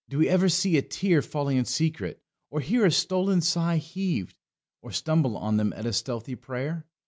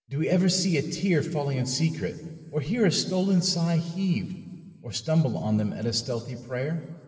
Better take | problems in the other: first | room echo; dies away in 2 s

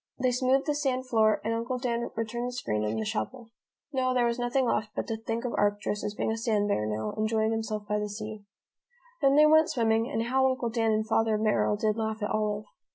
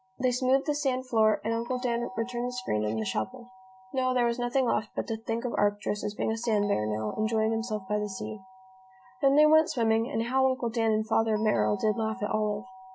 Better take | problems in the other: first | background sound (Doorbell); 19 dB below the speech

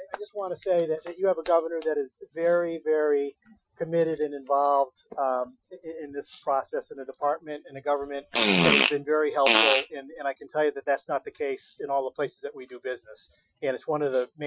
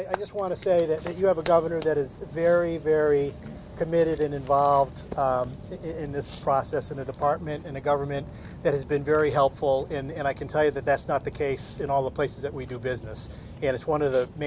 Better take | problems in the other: second | noise reduction (classical method Wiener filter)

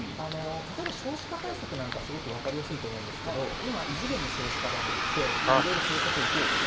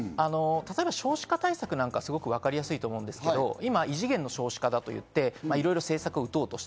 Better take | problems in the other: second | background sound (Bus); 4 dB above the speech // room echo; dies away in 1.8 s

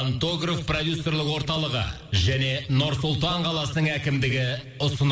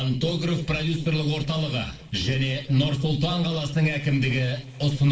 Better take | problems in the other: first | noise reduction (neural separator model SepFormer DNS4)

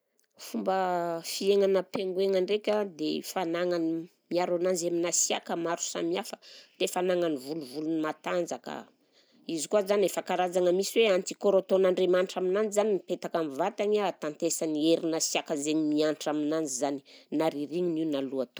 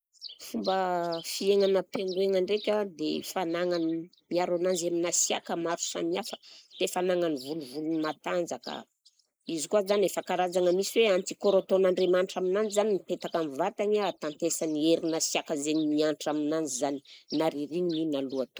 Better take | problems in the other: first | noise reduction (neural mask model Resemble Enhance denoiser)

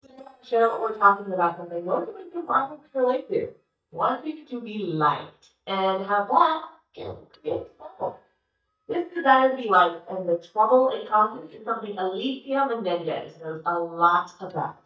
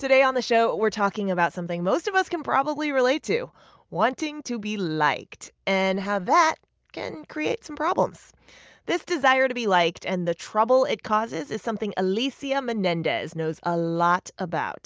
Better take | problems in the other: second | noise reduction (neural mask model DeepFilterNet 3)

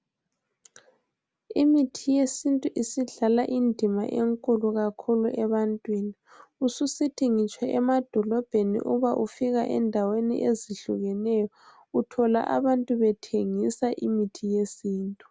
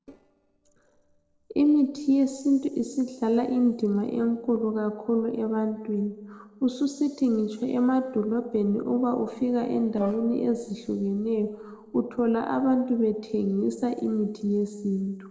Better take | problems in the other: first | noise reduction (neural separator model SepFormer DNS4)

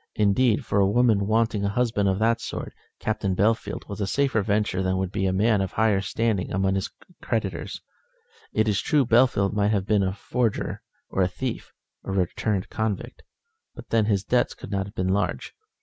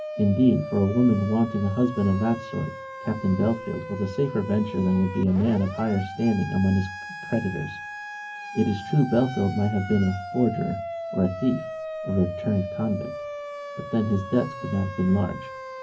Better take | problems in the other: first | background sound (Siren); 11 dB below the speech // room echo; dies away in 0.3 s

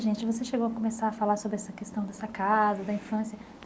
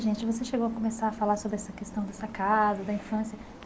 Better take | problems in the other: first | background sound (Chirp, tweet); 20 dB below the speech

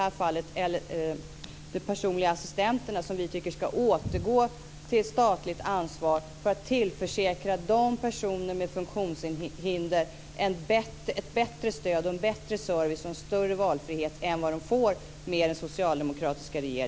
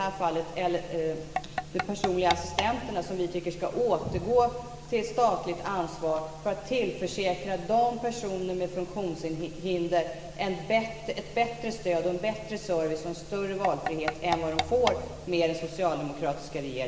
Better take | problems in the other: first | background sound (Tap / Percussion); 6 dB below the speech // room echo; dies away in 1.7 s

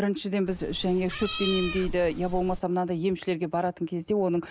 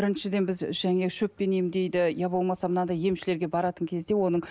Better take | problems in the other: second | background sound (Meow); 8 dB below the speech

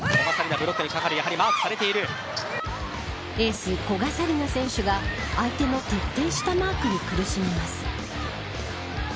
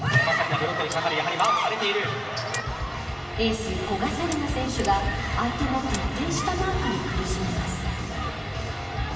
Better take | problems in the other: first | background sound (Mechanisms); 18 dB below the speech // room echo; dies away in 2.3 s

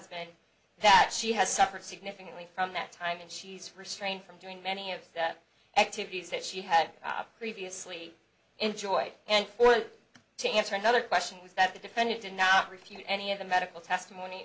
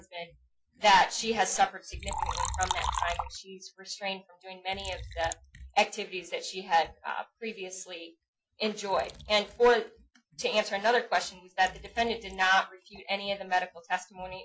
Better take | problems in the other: first | noise reduction (classical method Wiener filter)

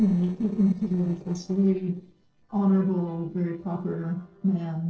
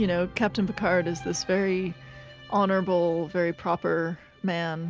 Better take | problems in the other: second | noise reduction (neural separator model SepFormer DNS4)

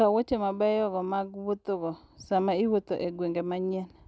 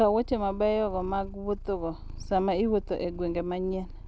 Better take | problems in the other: first | background sound (Purr); 12 dB below the speech

